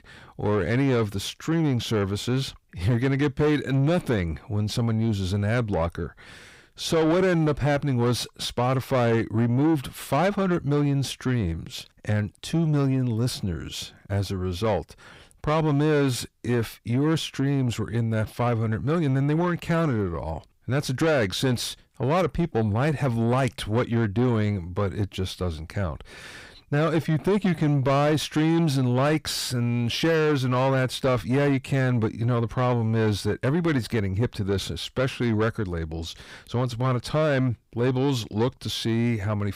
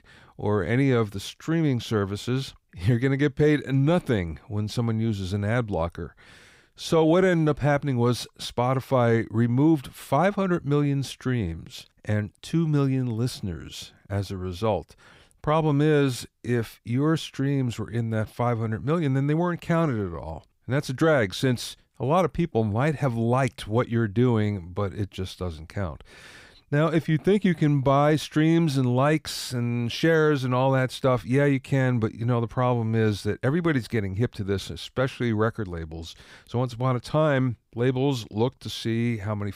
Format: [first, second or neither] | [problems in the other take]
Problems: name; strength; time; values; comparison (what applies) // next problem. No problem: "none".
second | distortion; slight; 10 dB below the speech